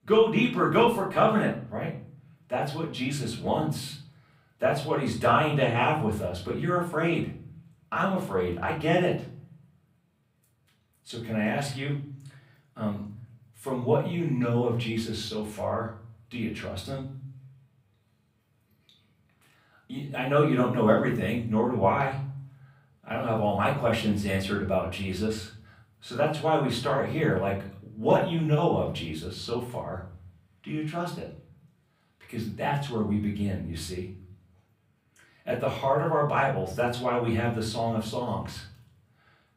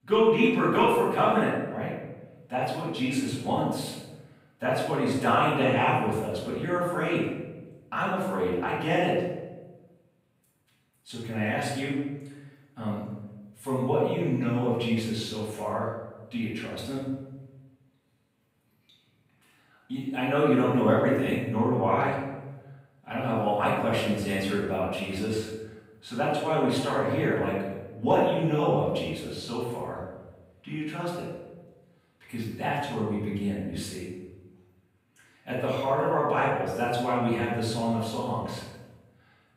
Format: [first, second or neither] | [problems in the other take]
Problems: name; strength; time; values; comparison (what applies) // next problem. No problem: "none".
first | room echo; strong; dies away in 0.9 s; slight in the first // off-mic speech; far; far in the first